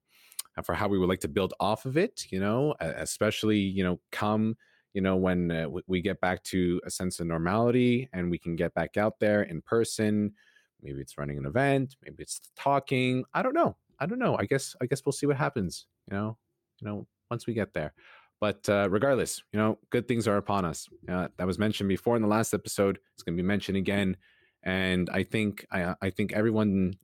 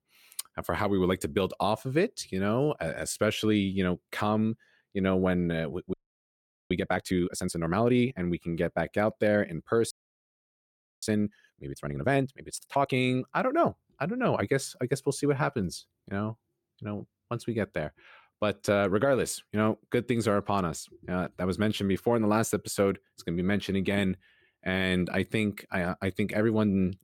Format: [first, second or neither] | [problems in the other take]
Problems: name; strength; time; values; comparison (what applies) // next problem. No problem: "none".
first | audio freezing; at 6 s for 1 s and at 10 s for 1 s